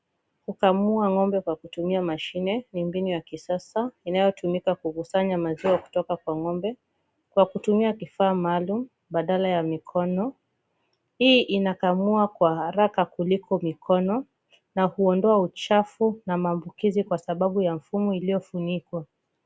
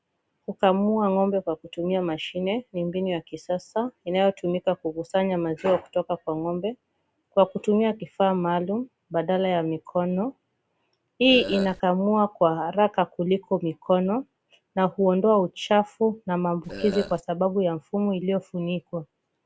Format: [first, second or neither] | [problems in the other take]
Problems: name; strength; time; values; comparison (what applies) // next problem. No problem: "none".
first | background sound (Burping, eructation); 9 dB below the speech